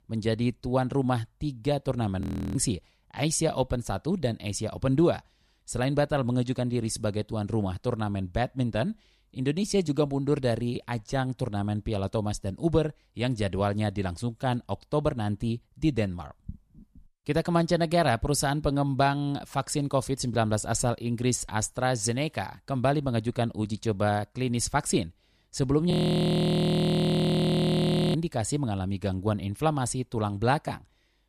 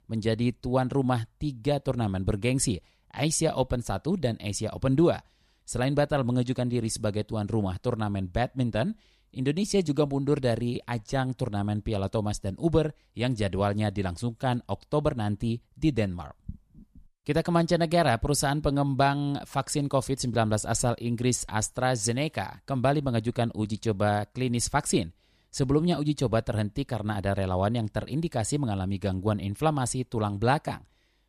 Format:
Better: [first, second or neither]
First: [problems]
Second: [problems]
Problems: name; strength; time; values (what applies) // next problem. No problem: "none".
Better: second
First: audio freezing; at 2 s and at 26 s for 2 s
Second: none